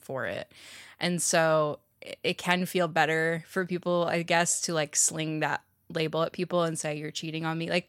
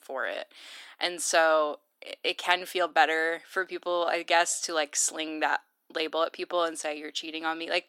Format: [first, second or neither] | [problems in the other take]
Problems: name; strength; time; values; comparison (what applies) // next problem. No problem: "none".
first | thin; very; fading below 300 Hz